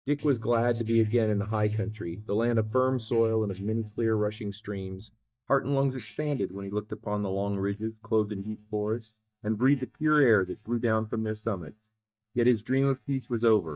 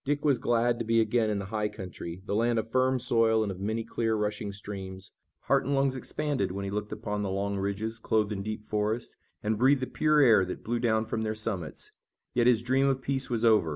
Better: second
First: noise reduction (neural mask model DeepFilterNet 3)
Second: none

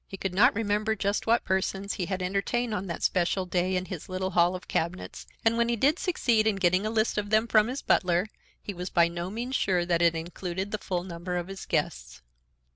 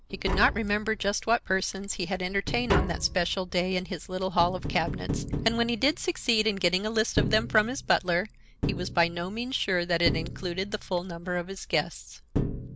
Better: first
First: none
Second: background sound (Tap); 6 dB below the speech

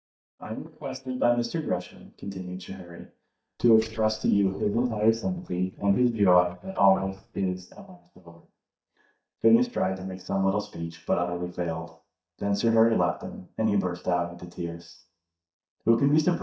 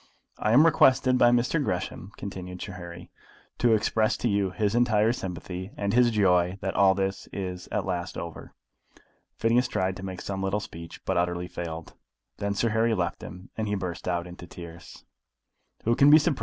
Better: second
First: noise reduction (neural mask model DeepFilterNet 3)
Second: none

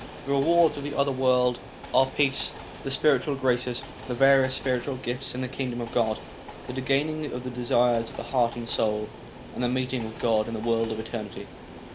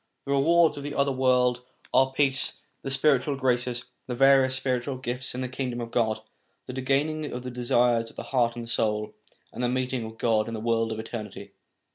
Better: second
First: background sound (Train); 14 dB below the speech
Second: none

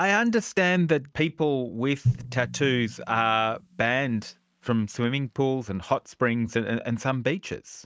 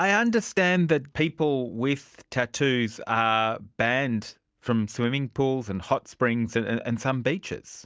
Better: second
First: noise reduction (neural mask model RNNoise)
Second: none

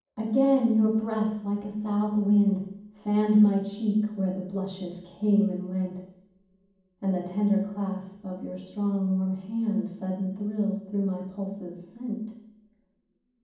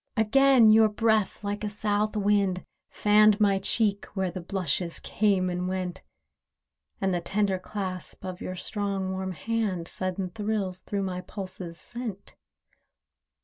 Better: second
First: room echo; dies away in 1.2 s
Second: none

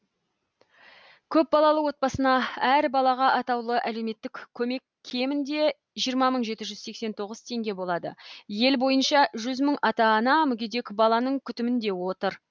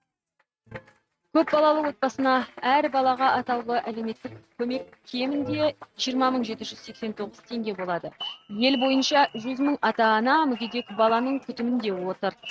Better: first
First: none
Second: noise reduction (neural mask model RNNoise)

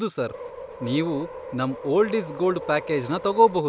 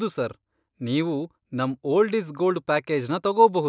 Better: second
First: background sound (Subway, metro, underground); 13 dB below the speech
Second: none

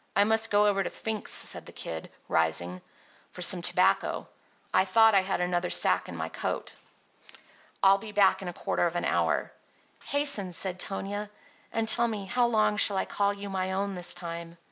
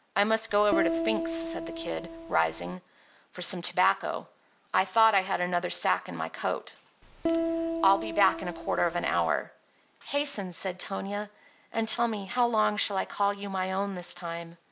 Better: first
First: none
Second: background sound (Piano); 3 dB below the speech

